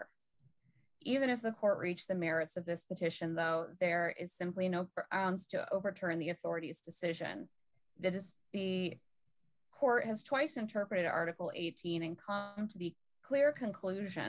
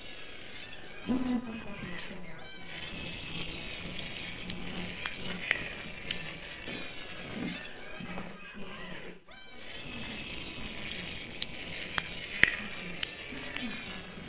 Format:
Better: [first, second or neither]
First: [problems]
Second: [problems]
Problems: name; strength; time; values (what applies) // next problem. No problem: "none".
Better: first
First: none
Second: noise reduction (neural separator model SepFormer WHAMR!)